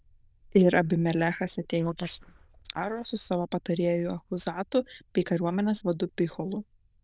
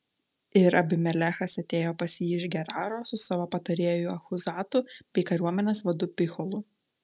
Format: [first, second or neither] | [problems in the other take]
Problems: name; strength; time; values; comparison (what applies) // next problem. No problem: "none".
second | noise reduction (neural diffusion model UNIVERSE++)